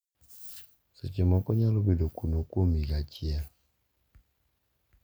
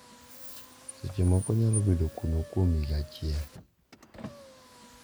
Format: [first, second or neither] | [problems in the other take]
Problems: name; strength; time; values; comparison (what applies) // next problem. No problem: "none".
first | background sound (Car); 16 dB below the speech